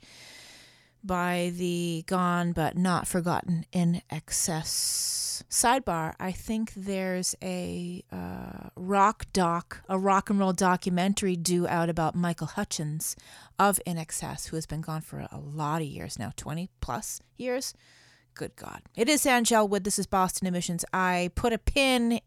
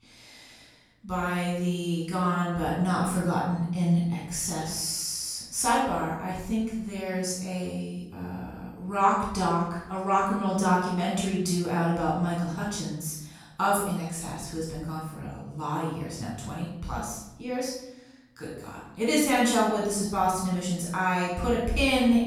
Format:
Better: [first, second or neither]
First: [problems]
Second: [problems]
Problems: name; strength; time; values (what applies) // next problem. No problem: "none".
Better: first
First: none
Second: off-mic speech; far // room echo; noticeable; dies away in 0.7 s